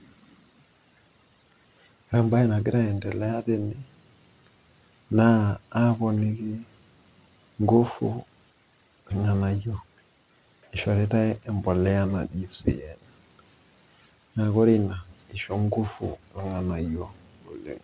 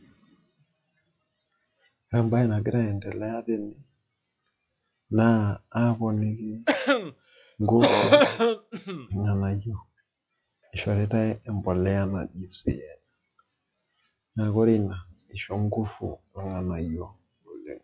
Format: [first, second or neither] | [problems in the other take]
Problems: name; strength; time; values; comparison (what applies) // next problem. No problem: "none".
first | noise reduction (classical method log-MMSE)